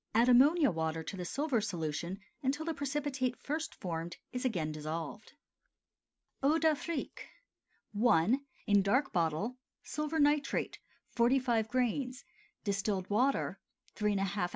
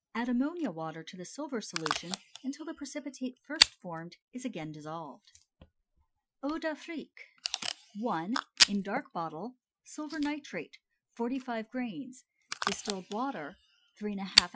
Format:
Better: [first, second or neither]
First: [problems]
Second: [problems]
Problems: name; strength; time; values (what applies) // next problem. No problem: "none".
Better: first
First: none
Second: noise reduction (classical method Wiener filter)